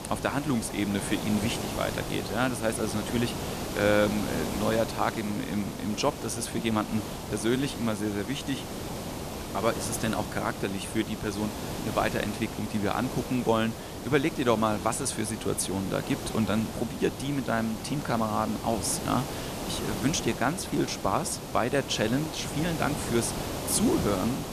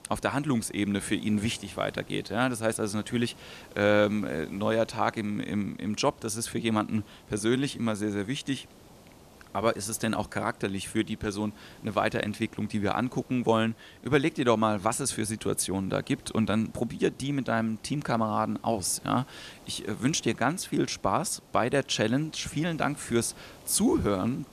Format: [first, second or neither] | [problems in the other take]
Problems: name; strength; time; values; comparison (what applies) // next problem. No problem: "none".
second | hiss; loud; throughout; 6 dB below the speech; faint in the second